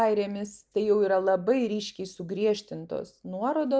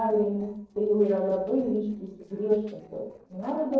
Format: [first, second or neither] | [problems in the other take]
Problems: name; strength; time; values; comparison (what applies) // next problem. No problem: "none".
first | noise reduction (neural separator model SepFormer DNS4)